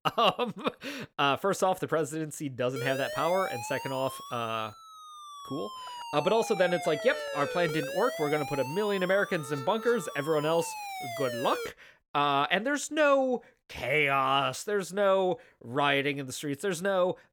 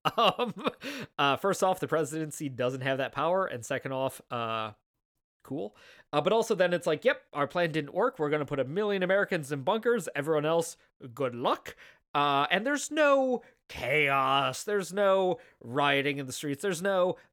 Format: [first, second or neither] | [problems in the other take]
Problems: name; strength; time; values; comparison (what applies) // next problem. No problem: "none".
second | siren; noticeable; from 3 to 12 s; peak 6 dB below the speech